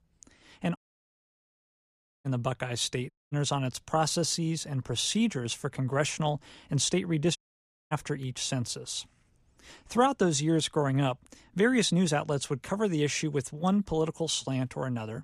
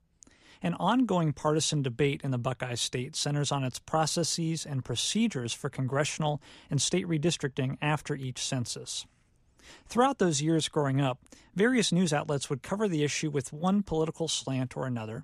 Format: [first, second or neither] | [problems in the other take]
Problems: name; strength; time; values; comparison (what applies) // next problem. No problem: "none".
second | audio cutting out; at 1 s for 1.5 s, at 3 s and at 7.5 s for 0.5 s